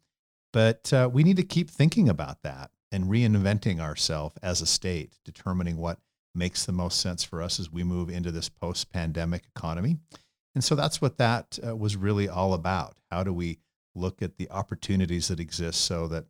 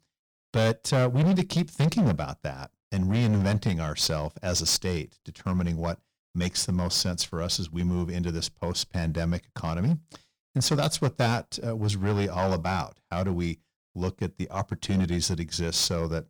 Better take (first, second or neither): first